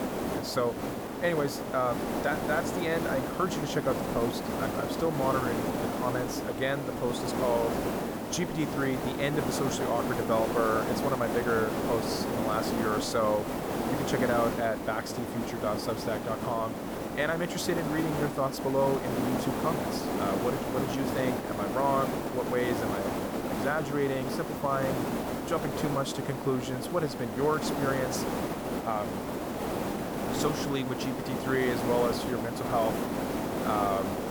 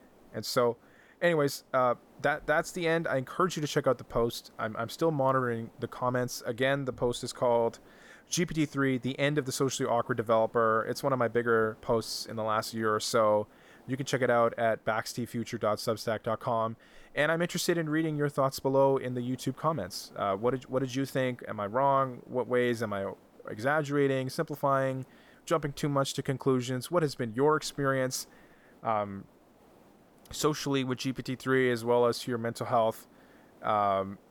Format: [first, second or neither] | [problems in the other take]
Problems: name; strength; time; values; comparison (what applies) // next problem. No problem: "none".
second | hiss; loud; throughout; 1 dB below the speech; faint in the second